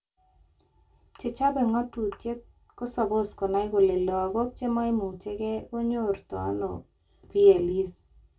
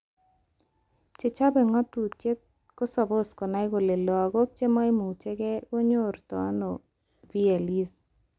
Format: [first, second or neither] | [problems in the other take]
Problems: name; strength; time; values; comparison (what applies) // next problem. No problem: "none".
second | room echo; dies away in 0.1 s